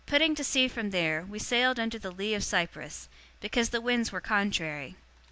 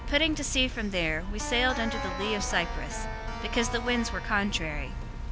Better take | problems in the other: first | background sound (Keyboard (musical)); 4 dB below the speech

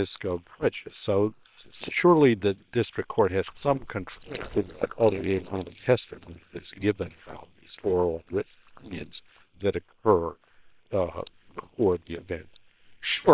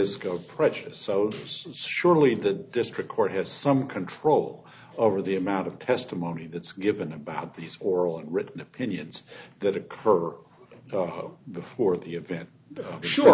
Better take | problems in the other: second | noise reduction (neural separator model SepFormer WHAM!)

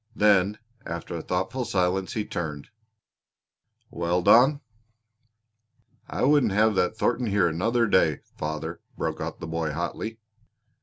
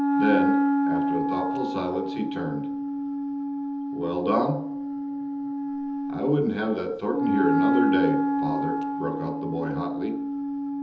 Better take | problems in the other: first | background sound (Wind instrument, woodwind instrument); 3 dB above the speech // room echo; dies away in 1.2 s

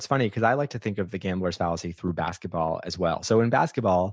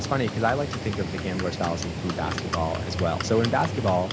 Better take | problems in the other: first | background sound (Livestock, farm animals, working animals); 4 dB below the speech

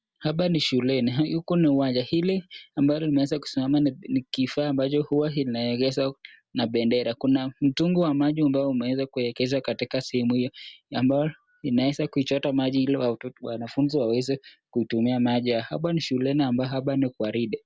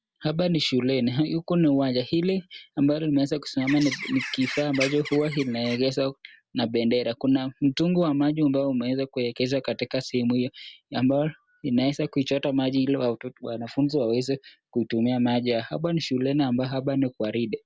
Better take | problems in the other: first | background sound (Bird); 10 dB below the speech

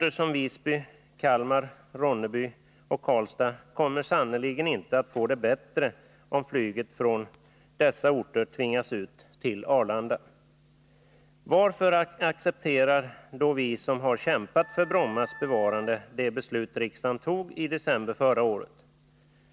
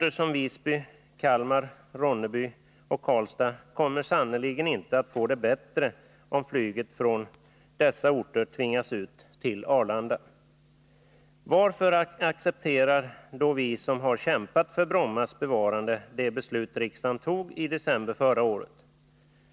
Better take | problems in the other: second | background sound (Wind instrument, woodwind instrument); 18 dB below the speech

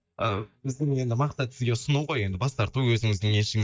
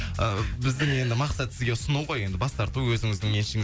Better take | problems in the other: second | noise reduction (neural mask model DeepFilterNet 3)

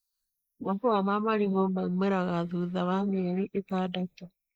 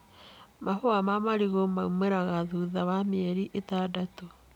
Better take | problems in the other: second | noise reduction (neural mask model Resemble Enhance denoiser)

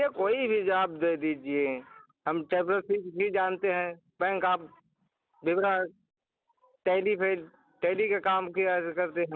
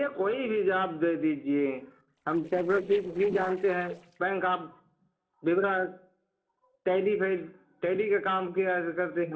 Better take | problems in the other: first | noise reduction (neural separator model SepFormer DNS4)

